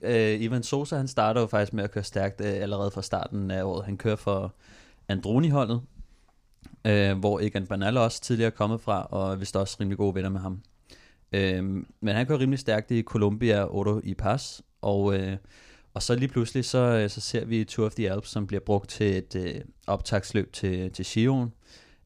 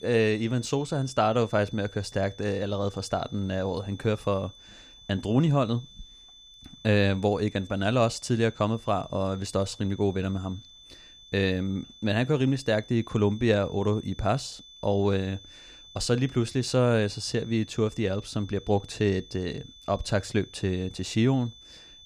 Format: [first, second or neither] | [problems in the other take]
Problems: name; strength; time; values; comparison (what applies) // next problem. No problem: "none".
first | high-pitched whine; faint; throughout; 3.5 kHz, 20 dB below the speech